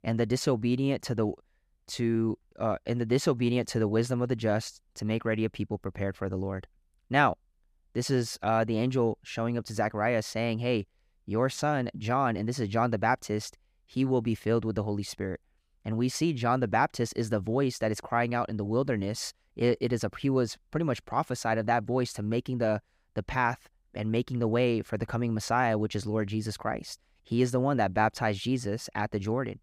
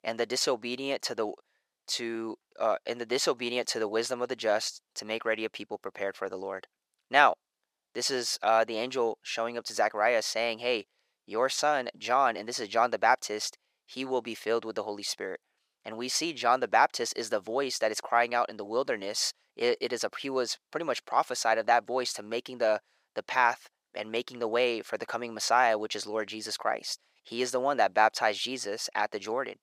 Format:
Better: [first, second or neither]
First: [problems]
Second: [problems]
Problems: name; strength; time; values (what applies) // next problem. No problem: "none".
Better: first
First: none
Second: thin; very; fading below 600 Hz